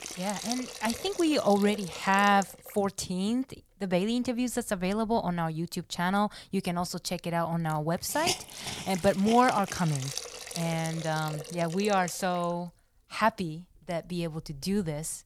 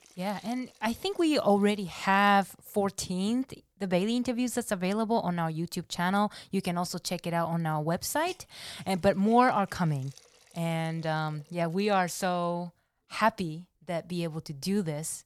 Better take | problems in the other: second | hiss; loud; throughout; 9 dB below the speech; faint in the second

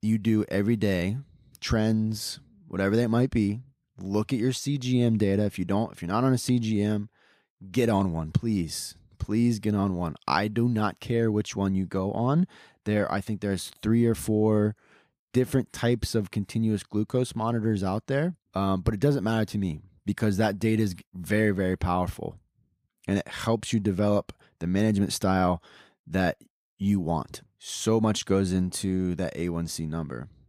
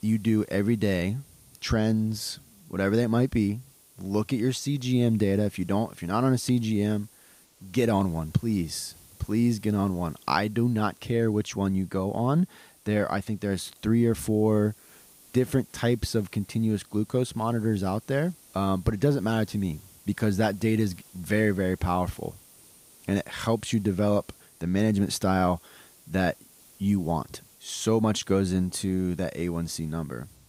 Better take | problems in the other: first | hiss; faint; throughout; 25 dB below the speech

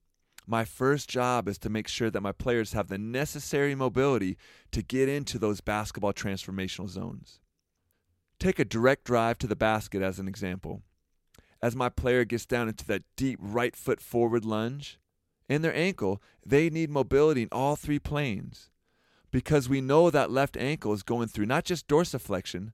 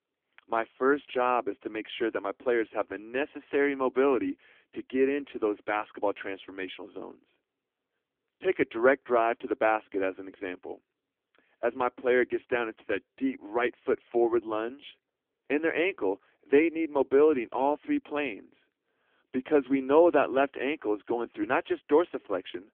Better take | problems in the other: first | phone-call audio; poor line

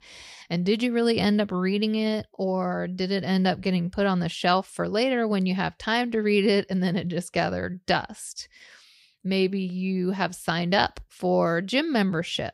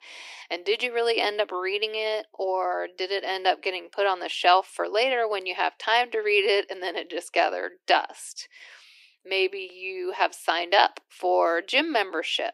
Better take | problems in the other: first | thin; very; fading below 300 Hz

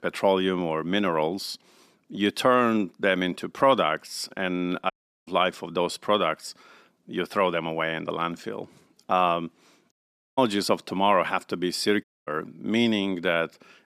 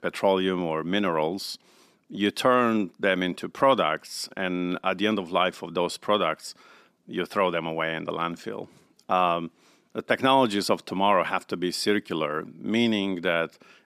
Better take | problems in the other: second | audio cutting out; at 5 s, at 10 s and at 12 s

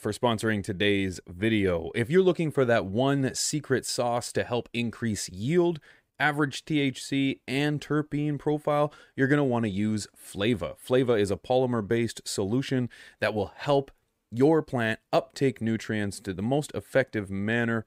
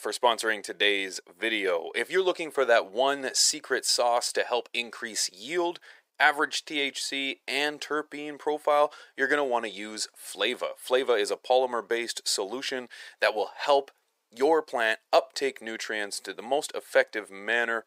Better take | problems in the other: first | thin; very; fading below 500 Hz

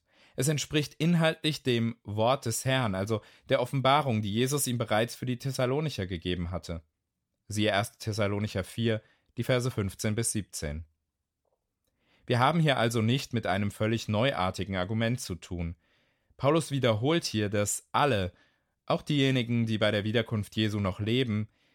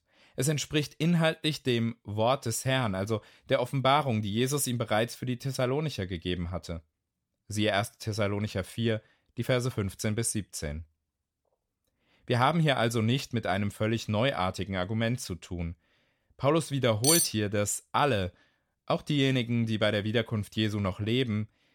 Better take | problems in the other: first | clattering dishes; loud; at 17 s; peak 5 dB above the speech

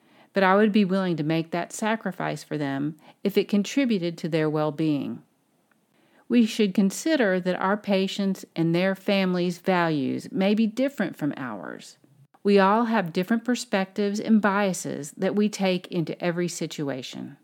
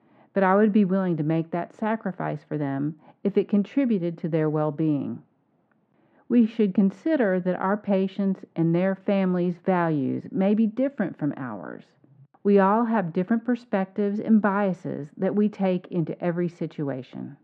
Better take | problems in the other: first | muffled; very; fading above 1.5 kHz

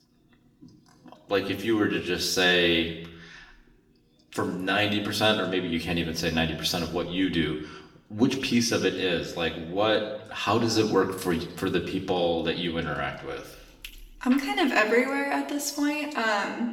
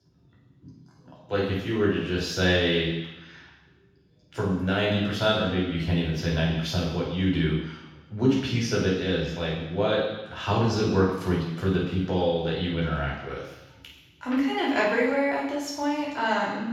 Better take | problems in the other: first | room echo; strong; dies away in 1.1 s; slight in the first // off-mic speech; far; somewhat distant in the first

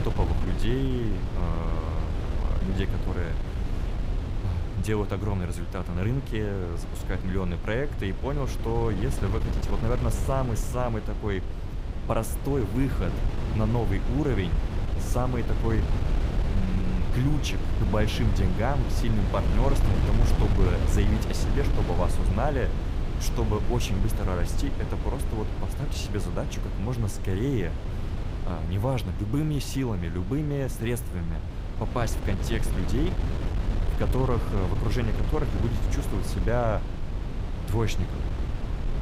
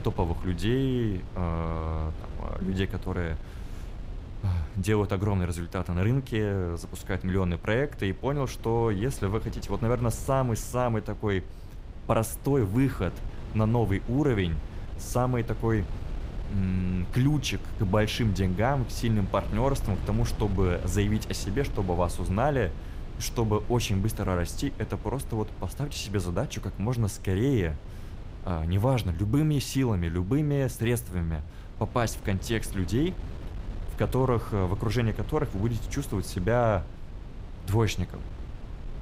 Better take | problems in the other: second | wind noise on the microphone; heavy; 6 dB below the speech; occasional gusts in the second

